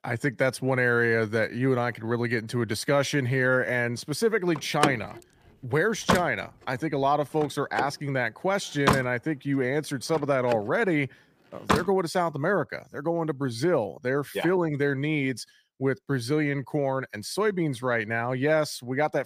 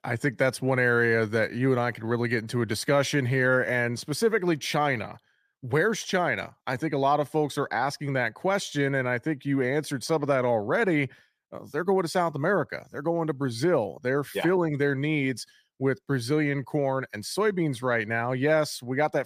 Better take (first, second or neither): second